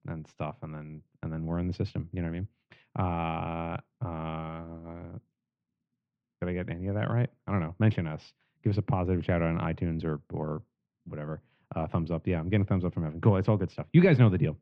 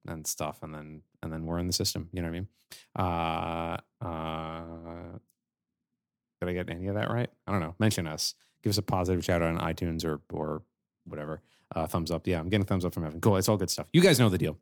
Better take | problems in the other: second | muffled; very; fading above 2.5 kHz

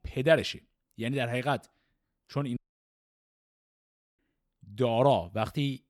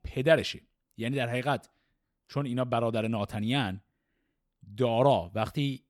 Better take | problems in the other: second | audio cutting out; at 2.5 s for 1.5 s

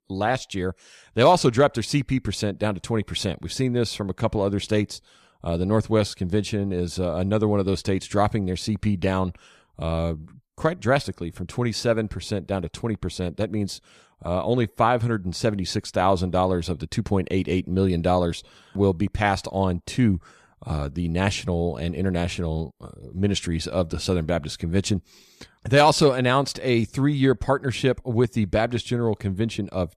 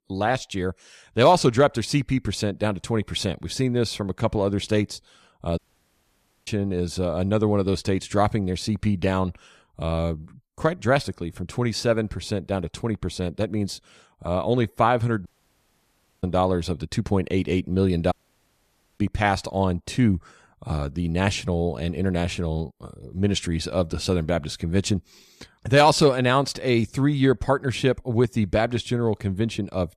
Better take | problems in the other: first | audio cutting out; at 5.5 s for 1 s, at 15 s for 1 s and at 18 s for 1 s

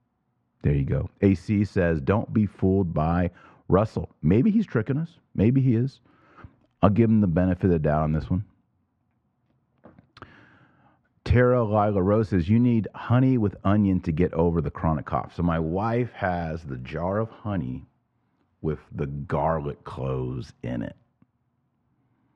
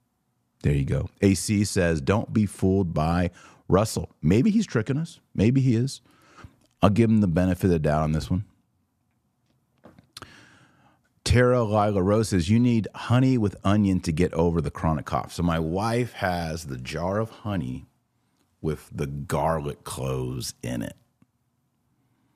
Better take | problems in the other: second | muffled; very; fading above 2 kHz

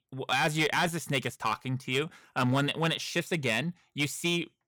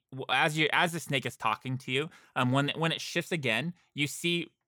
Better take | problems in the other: second | distortion; slight; 3% of the sound clipped

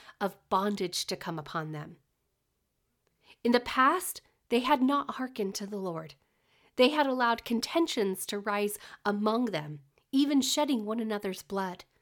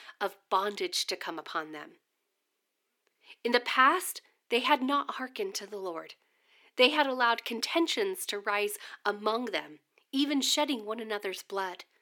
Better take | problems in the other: first | thin; very slightly; fading below 300 Hz

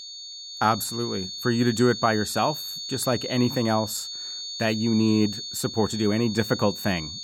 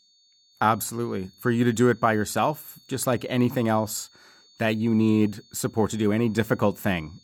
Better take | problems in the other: second | high-pitched whine; loud; throughout; 4.5 kHz, 8 dB below the speech; faint in the second

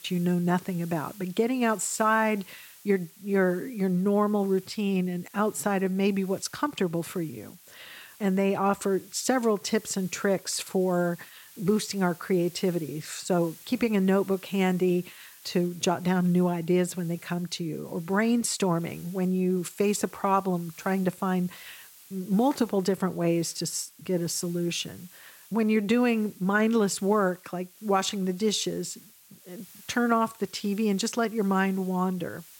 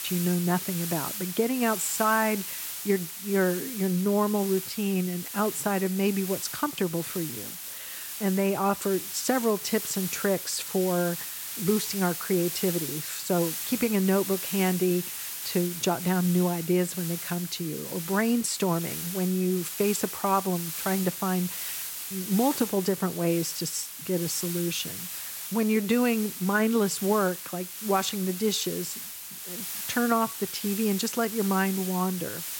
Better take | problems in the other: first | hiss; loud; throughout; 6 dB below the speech; faint in the first

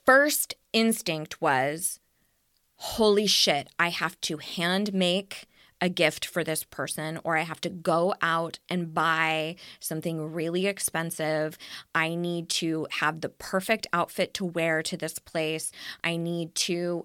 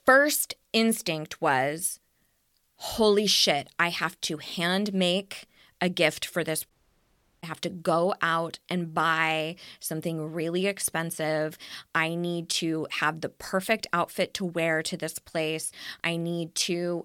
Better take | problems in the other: first | audio cutting out; at 6.5 s for 0.5 s

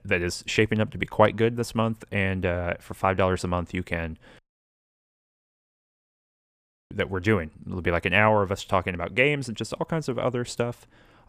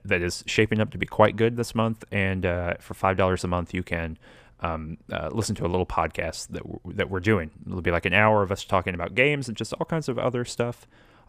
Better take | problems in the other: second | audio cutting out; at 4.5 s for 2.5 s

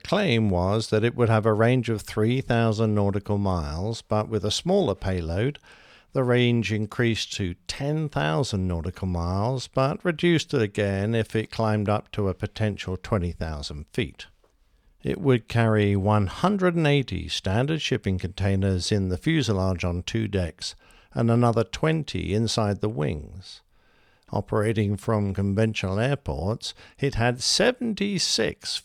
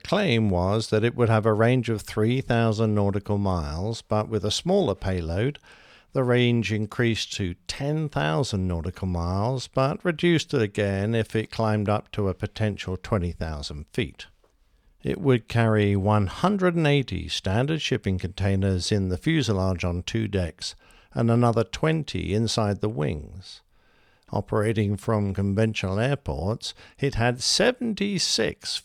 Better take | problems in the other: neither | none

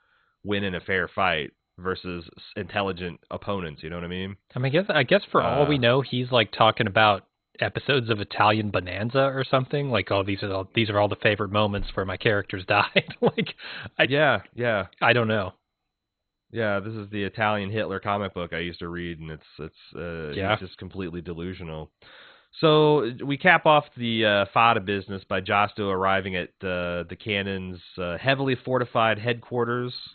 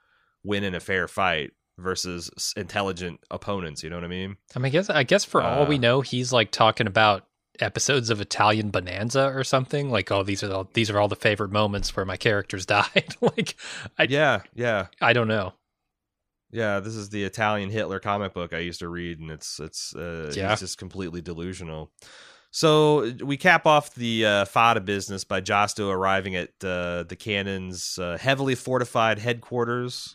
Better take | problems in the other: second | garbled, watery; badly; nothing above 4 kHz

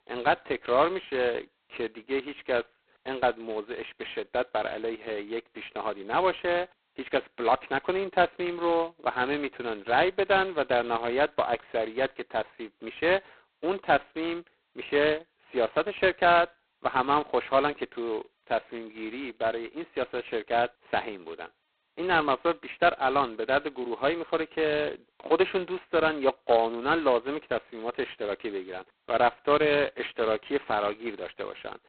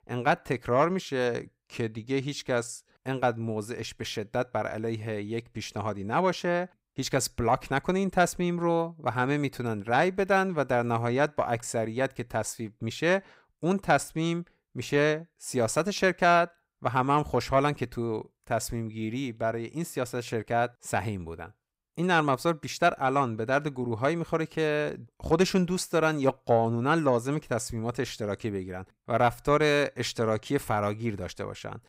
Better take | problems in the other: second | phone-call audio; poor line; nothing above 4 kHz

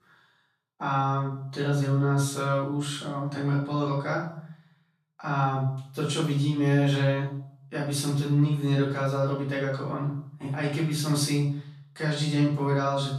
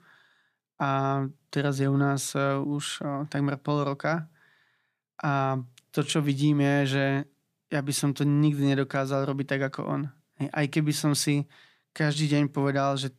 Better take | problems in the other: second | off-mic speech; far // room echo; noticeable; dies away in 0.5 s

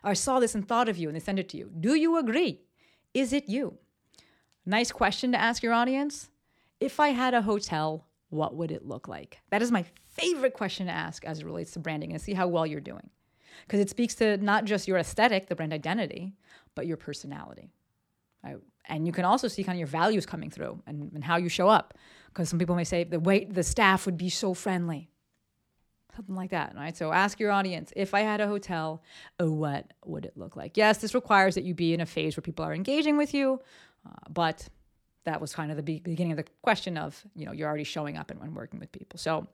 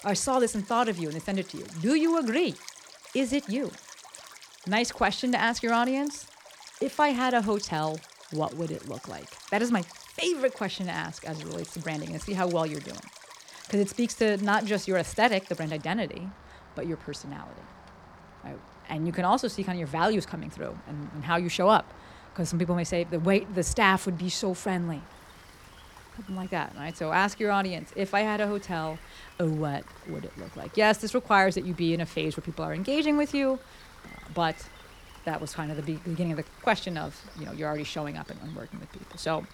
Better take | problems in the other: first | rain or running water; noticeable; throughout; 20 dB below the speech

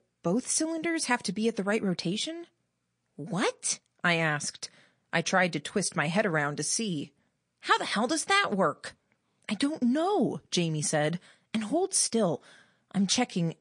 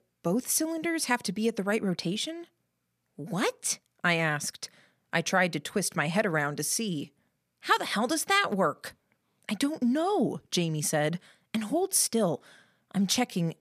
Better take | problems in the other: second | garbled, watery; slightly

